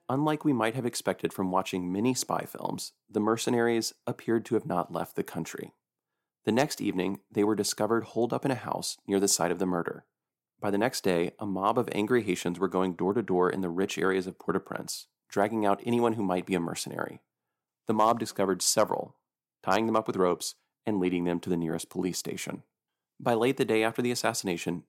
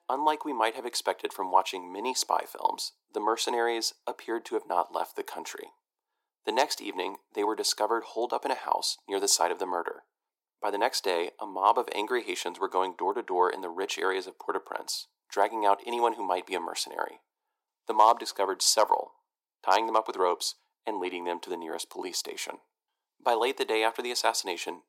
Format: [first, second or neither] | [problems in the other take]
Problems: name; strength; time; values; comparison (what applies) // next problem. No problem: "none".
first | thin; very; fading below 400 Hz